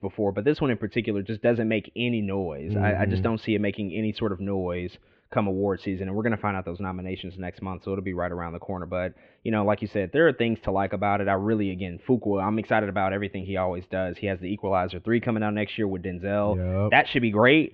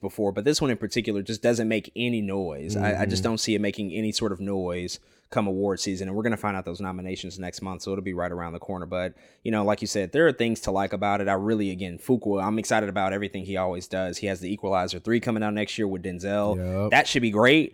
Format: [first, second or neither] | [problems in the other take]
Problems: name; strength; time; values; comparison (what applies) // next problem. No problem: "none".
second | muffled; very; fading above 3 kHz